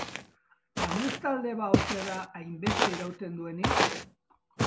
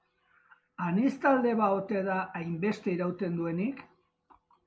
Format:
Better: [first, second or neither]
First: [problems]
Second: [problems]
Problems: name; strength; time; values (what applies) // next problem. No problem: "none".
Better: second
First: background sound (Walk, footsteps); 4 dB above the speech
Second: none